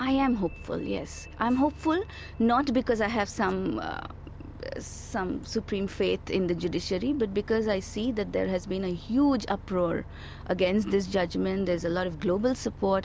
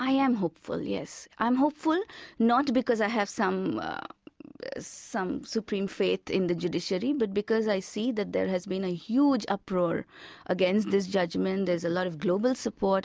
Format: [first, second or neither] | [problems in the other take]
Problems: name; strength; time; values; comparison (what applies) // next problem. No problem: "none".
second | background sound (Bus); 15 dB below the speech